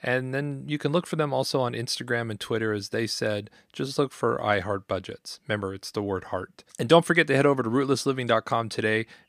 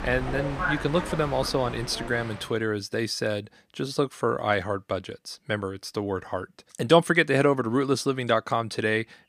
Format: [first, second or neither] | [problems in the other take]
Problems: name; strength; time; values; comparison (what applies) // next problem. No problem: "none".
first | train or aircraft noise; loud; until 2.5 s; 7 dB below the speech